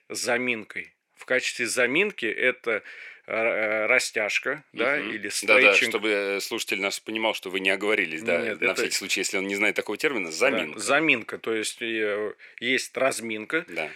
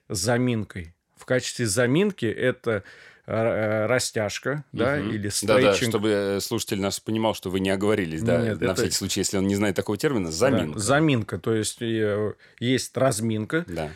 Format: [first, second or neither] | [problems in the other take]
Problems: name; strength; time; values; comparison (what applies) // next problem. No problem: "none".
second | thin; somewhat; fading below 350 Hz